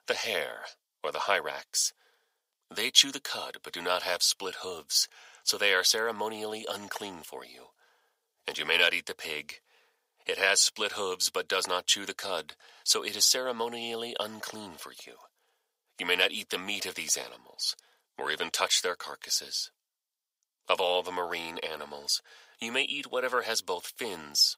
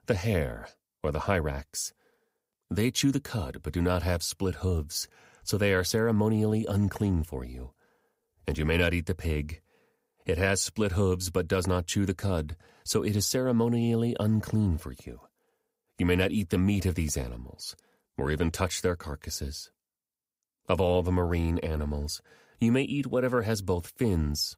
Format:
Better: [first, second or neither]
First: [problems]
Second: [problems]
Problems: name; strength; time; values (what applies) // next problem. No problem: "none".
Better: second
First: thin; very; fading below 750 Hz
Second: none